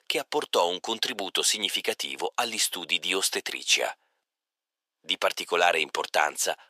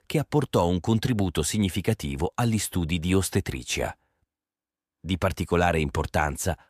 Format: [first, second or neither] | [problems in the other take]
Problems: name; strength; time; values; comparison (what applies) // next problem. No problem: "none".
second | thin; very; fading below 450 Hz